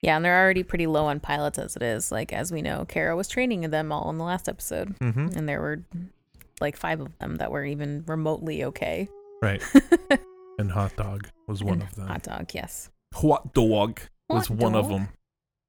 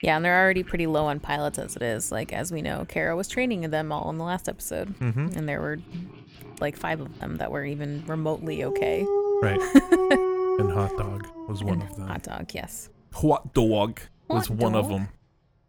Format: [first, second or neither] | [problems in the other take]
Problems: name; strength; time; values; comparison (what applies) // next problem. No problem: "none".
first | animal sounds; loud; throughout; 1 dB below the speech; faint in the first